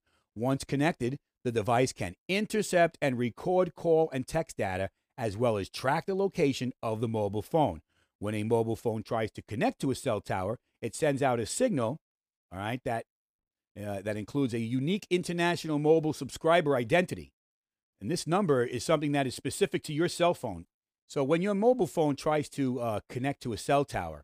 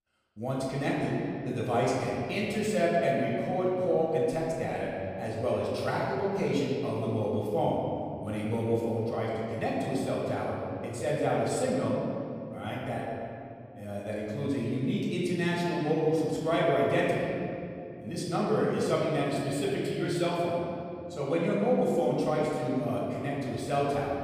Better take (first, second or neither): first